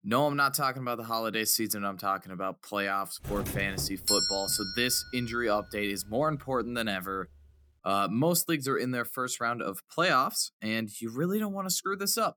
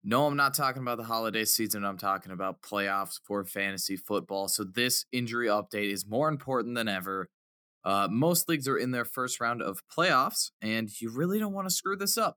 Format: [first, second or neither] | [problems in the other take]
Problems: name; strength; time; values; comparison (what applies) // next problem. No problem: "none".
second | doorbell; loud; from 3 to 5 s; peak 4 dB above the speech